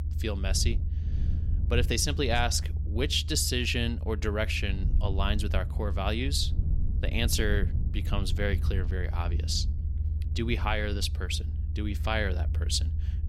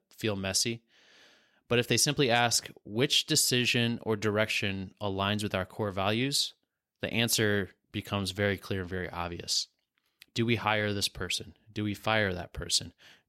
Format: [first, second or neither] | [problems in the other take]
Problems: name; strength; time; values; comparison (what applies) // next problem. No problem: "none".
second | low rumble; noticeable; throughout; 15 dB below the speech